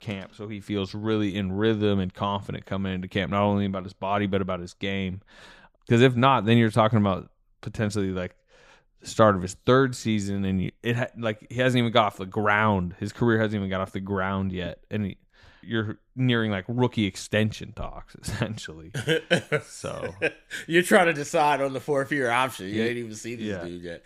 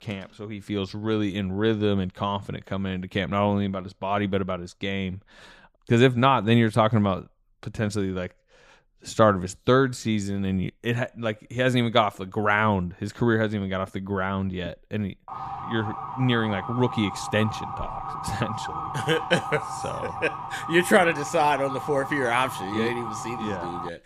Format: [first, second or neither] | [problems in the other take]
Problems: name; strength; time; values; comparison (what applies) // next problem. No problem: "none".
first | siren; noticeable; from 15 s on; peak 7 dB below the speech